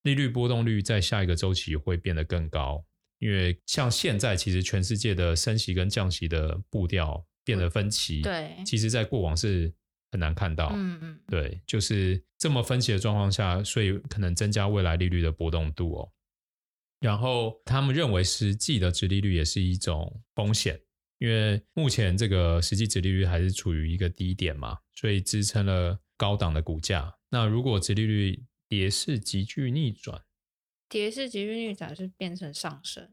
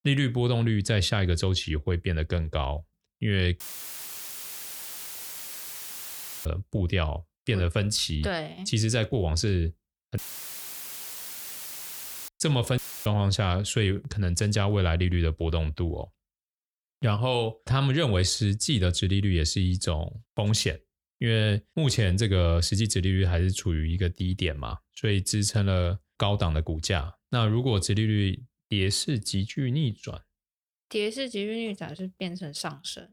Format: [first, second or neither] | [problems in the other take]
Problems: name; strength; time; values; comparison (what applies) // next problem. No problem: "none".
first | audio cutting out; filled with static; at 3.5 s for 3 s, at 10 s for 2 s and at 13 s